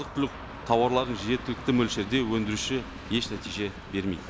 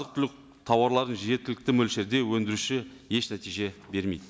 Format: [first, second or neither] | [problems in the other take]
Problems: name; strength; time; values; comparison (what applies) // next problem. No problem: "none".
second | background sound (Train); 12 dB below the speech